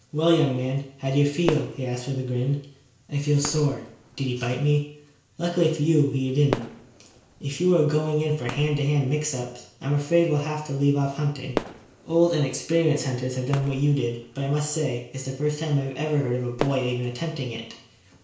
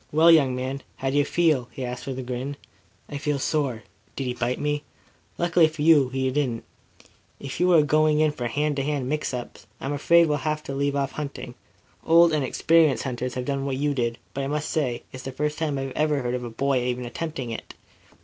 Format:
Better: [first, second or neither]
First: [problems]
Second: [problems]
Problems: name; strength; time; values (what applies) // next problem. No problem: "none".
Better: second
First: background sound (Fireworks); 15 dB below the speech // room echo; dies away in 0.5 s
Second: none